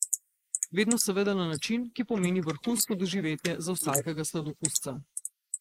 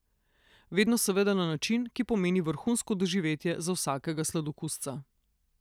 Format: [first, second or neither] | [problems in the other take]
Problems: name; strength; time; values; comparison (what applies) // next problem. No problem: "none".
second | noise reduction (neural mask model Resemble Enhance denoiser)